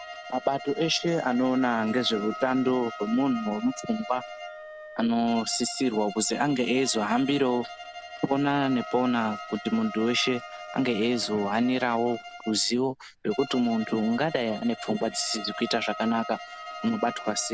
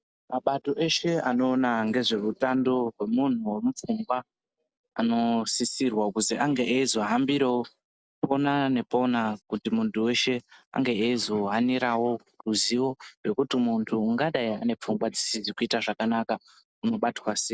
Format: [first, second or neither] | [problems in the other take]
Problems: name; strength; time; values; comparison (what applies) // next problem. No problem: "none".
second | background sound (Wind instrument, woodwind instrument + Bowed string instrument); 13 dB below the speech